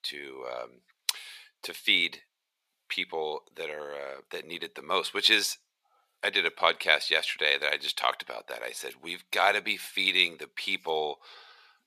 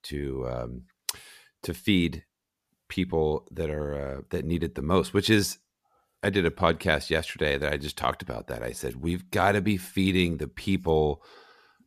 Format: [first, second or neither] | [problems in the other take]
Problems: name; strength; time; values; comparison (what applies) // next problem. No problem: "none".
second | thin; very; fading below 700 Hz